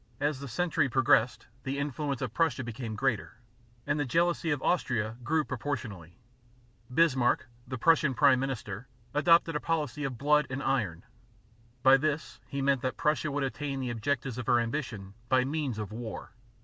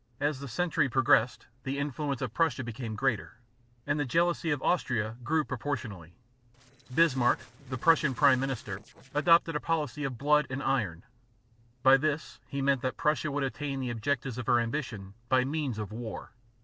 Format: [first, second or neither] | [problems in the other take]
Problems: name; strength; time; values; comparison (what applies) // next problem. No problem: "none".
first | noise reduction (neural separator model SepFormer DNS4)